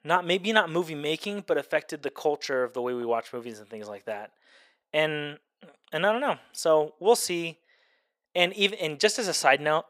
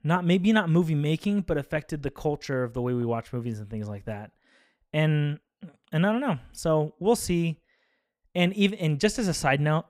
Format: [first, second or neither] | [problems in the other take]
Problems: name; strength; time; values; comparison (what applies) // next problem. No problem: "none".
second | thin; very; fading below 500 Hz